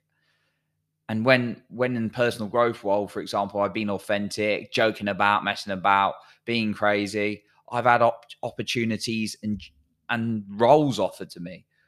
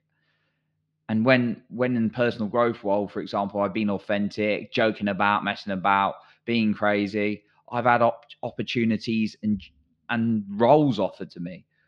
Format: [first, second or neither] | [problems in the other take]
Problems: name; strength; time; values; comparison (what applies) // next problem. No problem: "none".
first | muffled; very slightly; fading above 4 kHz